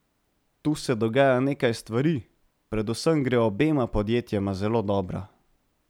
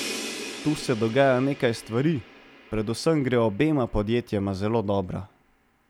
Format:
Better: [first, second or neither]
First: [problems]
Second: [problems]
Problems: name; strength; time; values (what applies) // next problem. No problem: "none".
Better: first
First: none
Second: background sound (Crash cymbal); 15 dB below the speech